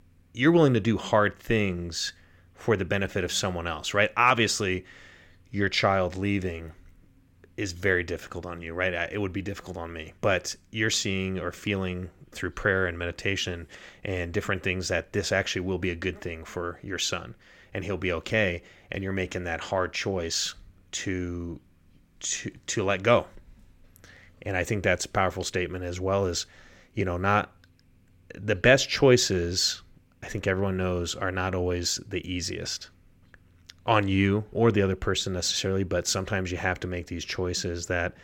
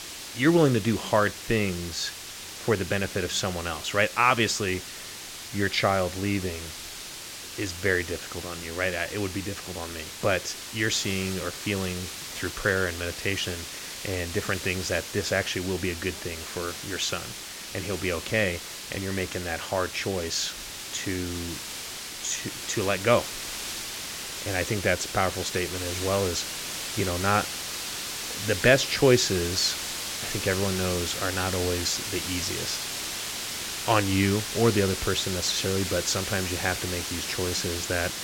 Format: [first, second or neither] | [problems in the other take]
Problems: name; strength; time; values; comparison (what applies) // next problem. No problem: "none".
first | hiss; loud; throughout; 6 dB below the speech